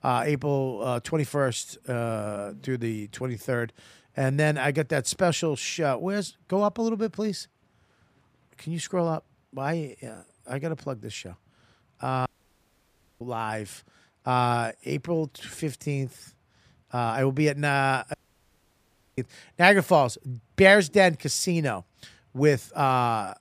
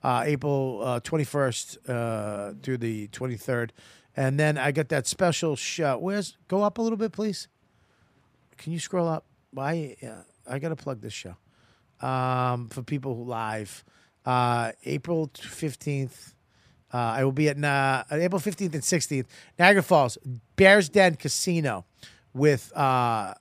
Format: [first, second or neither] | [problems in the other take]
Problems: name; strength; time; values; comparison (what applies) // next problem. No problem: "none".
second | audio cutting out; at 12 s for 1 s and at 18 s for 1 s